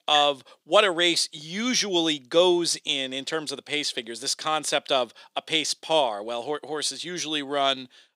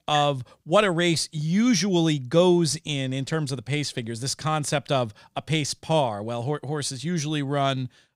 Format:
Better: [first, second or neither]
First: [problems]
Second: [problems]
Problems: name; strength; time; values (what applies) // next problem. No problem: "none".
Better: second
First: thin; somewhat; fading below 300 Hz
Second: none